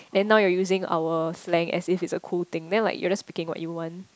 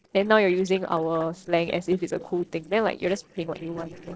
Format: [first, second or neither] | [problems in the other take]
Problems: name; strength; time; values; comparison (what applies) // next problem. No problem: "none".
first | noise reduction (neural separator model SepFormer DNS4)